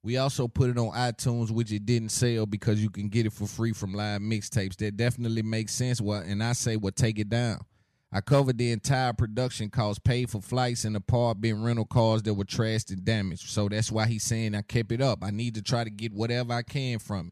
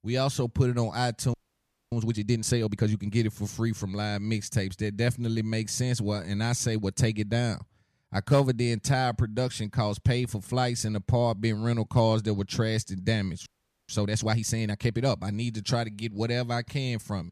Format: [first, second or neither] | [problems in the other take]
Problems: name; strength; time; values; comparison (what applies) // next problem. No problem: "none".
first | audio freezing; at 1.5 s for 0.5 s and at 13 s